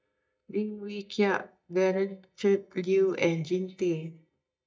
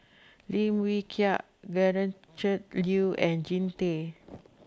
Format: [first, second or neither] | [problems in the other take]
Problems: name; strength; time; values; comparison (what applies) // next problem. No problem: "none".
second | noise reduction (neural mask model DeepFilterNet 3)